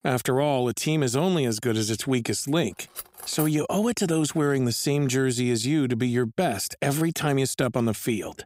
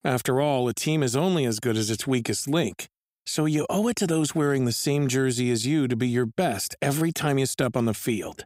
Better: second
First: clattering dishes; noticeable; at 3 s; peak 9 dB below the speech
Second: none

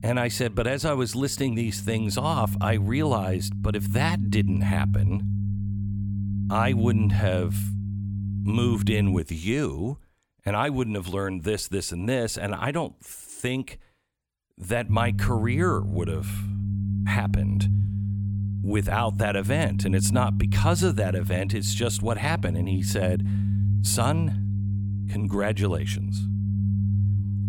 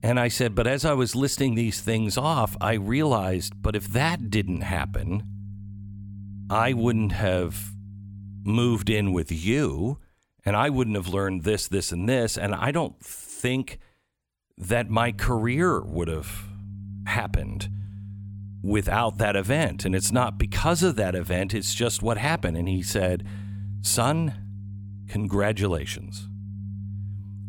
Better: second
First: low rumble; loud; until 9 s and from 15 s on; 10 dB below the speech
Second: low rumble; faint; until 9 s and from 15 s on; 25 dB below the speech

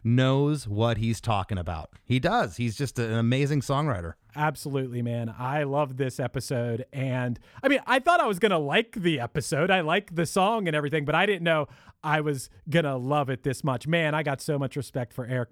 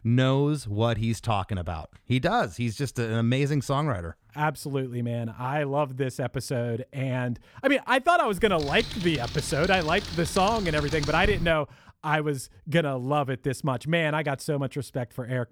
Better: first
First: none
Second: keyboard typing; noticeable; from 8.5 to 12 s; peak 6 dB below the speech

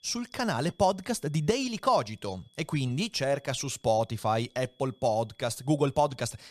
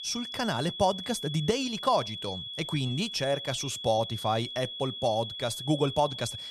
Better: first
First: high-pitched whine; faint; throughout; 3.5 kHz, 35 dB below the speech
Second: high-pitched whine; loud; throughout; 3.5 kHz, 7 dB below the speech

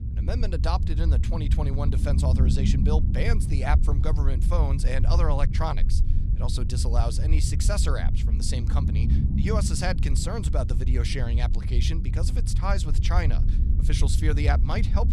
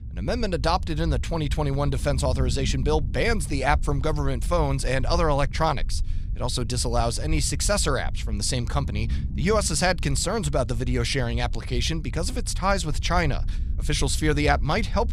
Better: second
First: low rumble; loud; throughout; 7 dB below the speech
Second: low rumble; faint; throughout; 20 dB below the speech

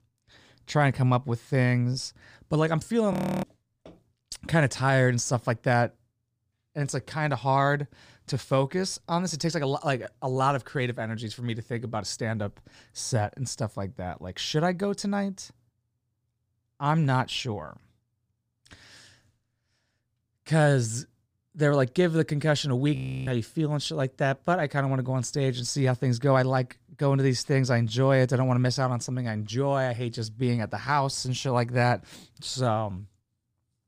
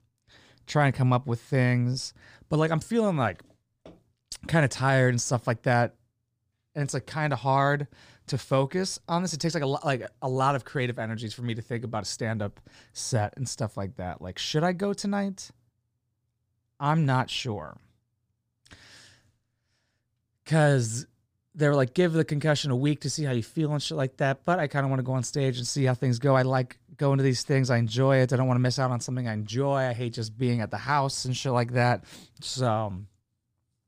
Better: second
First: audio freezing; at 3 s and at 23 s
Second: none

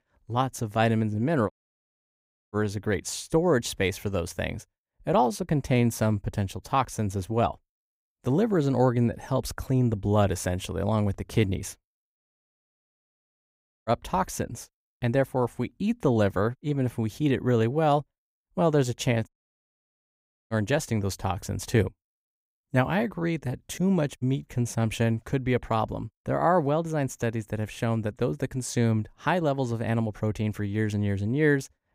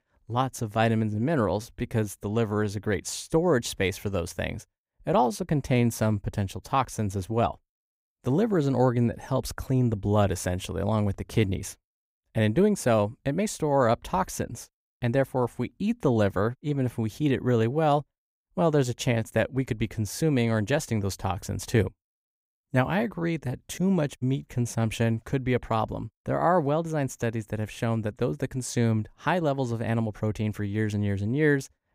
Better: second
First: audio cutting out; at 1.5 s for 1 s, at 12 s for 1.5 s and at 19 s for 1 s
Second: none

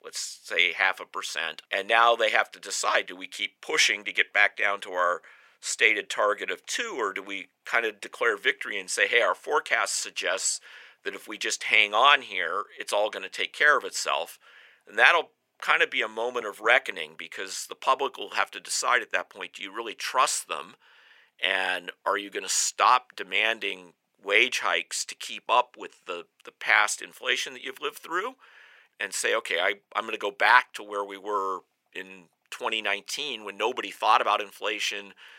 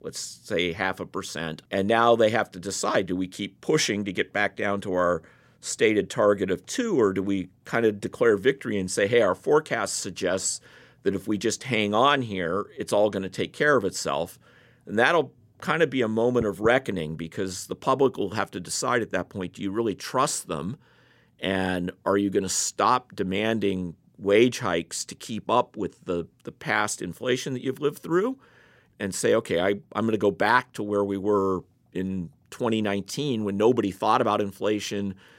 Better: second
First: thin; very; fading below 800 Hz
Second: none

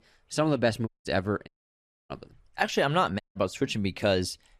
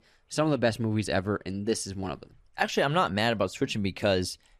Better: second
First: audio cutting out; at 1 s, at 1.5 s for 0.5 s and at 3 s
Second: none

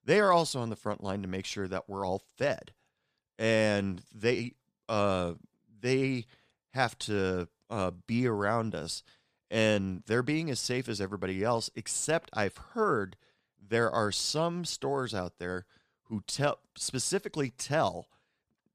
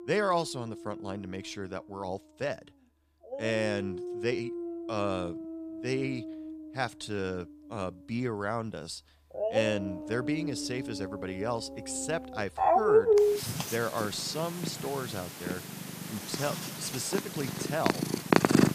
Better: first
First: none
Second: animal sounds; very loud; throughout; 2 dB above the speech

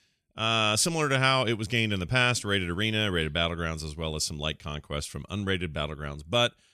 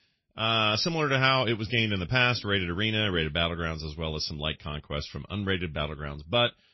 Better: first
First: none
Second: garbled, watery; slightly; nothing above 5.5 kHz

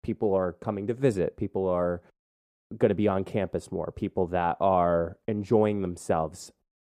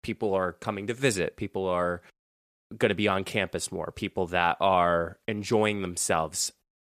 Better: second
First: muffled; very; fading above 1.5 kHz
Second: none

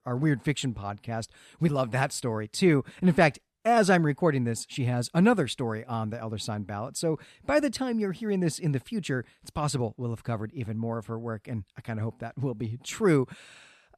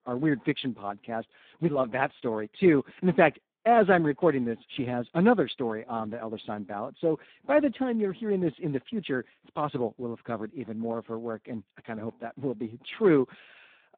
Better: first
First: none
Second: phone-call audio; poor line; nothing above 3.5 kHz

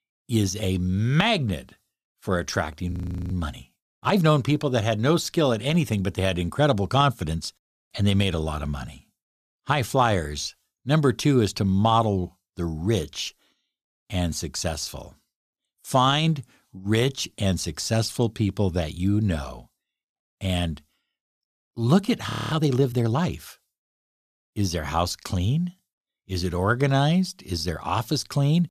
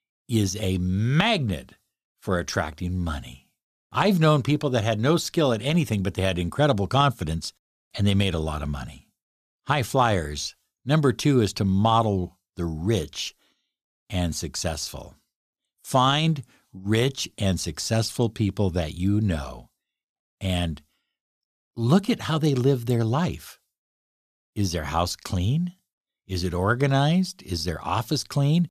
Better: second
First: audio freezing; at 3 s and at 22 s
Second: none

